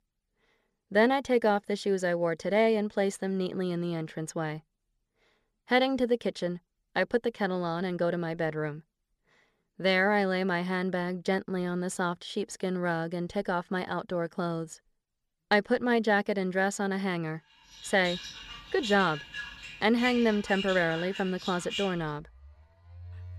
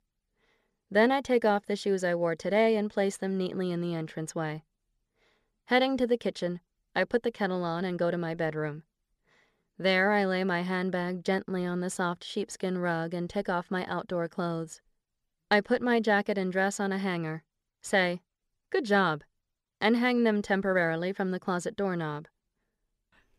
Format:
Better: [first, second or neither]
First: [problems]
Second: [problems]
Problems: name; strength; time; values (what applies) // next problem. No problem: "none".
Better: second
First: alarms or sirens; loud; from 18 s on; 10 dB below the speech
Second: none